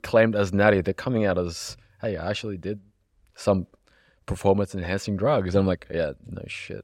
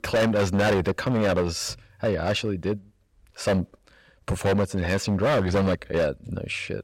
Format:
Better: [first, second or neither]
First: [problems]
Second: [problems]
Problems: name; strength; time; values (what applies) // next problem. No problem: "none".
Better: first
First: none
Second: distortion; heavy; 13% of the sound clipped